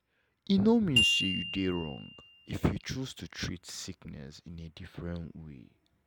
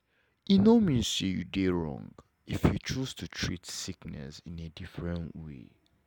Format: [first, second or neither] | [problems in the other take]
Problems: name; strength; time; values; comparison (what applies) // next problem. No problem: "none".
second | background sound (Glockenspiel); 2 dB below the speech